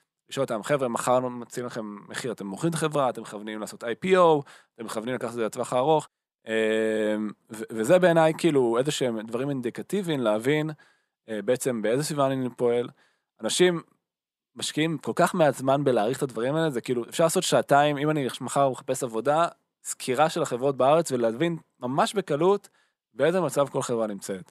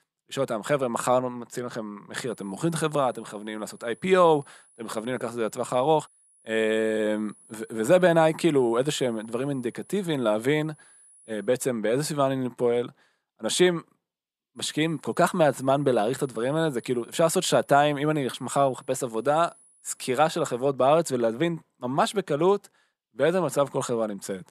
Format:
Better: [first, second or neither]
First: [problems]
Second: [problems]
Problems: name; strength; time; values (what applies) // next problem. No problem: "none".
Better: first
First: none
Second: high-pitched whine; faint; from 2.5 to 11 s and from 15 to 21 s; 10 kHz, 30 dB below the speech